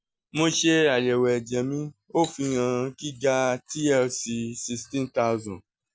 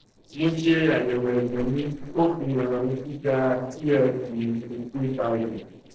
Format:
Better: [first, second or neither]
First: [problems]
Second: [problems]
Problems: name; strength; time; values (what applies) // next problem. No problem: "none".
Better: first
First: none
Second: noise reduction (neural separator model SepFormer DNS4)